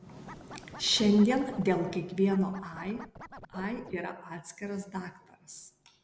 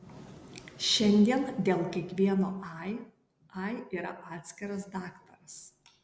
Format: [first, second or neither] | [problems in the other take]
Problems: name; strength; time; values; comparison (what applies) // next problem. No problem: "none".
second | background sound (Scratching (performance technique)); 17 dB below the speech